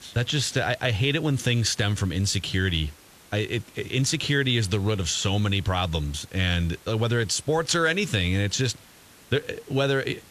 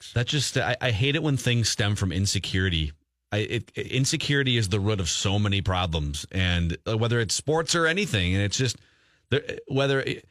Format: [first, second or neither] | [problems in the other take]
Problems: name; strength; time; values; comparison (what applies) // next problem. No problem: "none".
second | hiss; faint; throughout; 25 dB below the speech